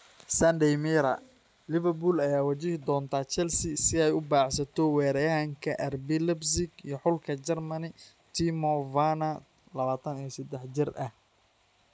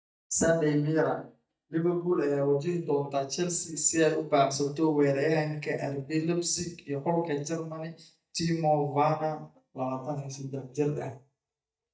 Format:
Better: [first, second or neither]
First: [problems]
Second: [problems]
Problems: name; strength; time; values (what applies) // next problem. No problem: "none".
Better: first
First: none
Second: noise reduction (neural mask model DeepFilterNet 3)